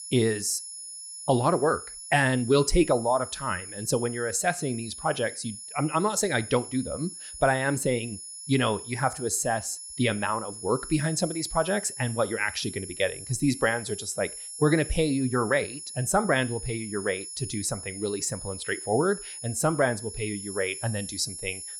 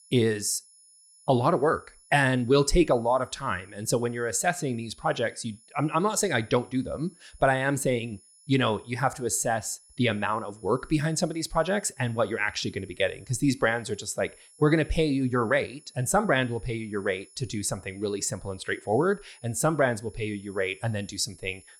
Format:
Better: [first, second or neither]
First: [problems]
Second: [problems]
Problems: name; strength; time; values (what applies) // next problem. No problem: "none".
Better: second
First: high-pitched whine; loud; throughout; 10.5 kHz, 10 dB below the speech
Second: high-pitched whine; faint; throughout; 10.5 kHz, 25 dB below the speech